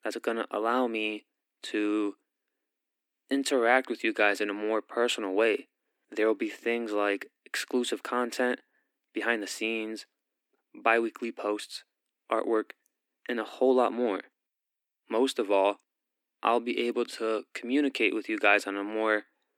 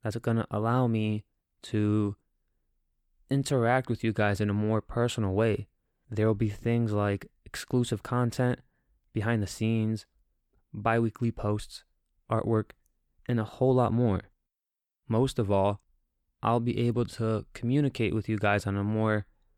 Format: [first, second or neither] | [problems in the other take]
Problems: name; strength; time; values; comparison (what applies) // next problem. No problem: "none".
second | thin; somewhat; fading below 250 Hz